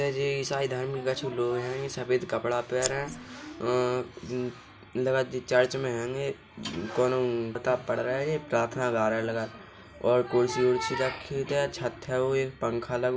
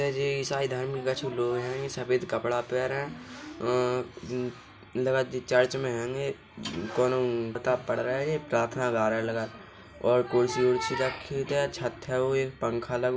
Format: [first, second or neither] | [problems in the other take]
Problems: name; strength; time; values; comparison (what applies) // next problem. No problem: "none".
second | background sound (Scissors); 8 dB below the speech